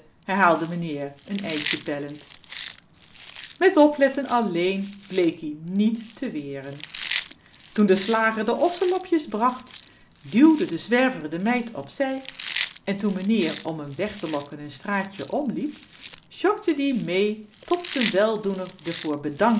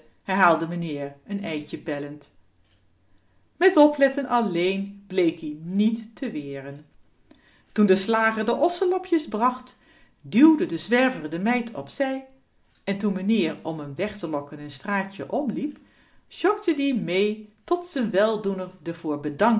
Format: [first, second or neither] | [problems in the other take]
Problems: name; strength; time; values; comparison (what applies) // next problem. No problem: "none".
second | background sound (Chewing, mastication); 15 dB below the speech